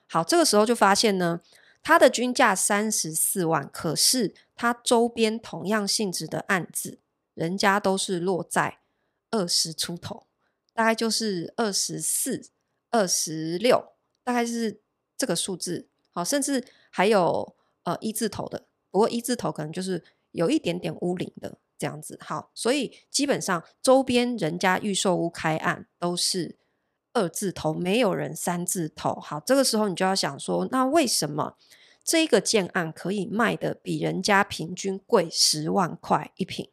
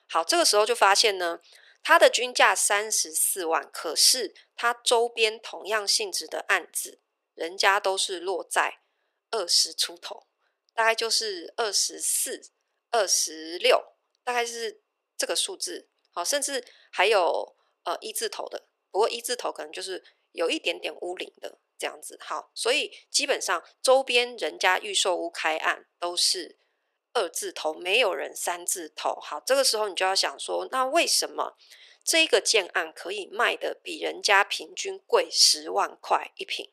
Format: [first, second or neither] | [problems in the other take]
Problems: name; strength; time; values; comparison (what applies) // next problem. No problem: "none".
first | thin; very; fading below 400 Hz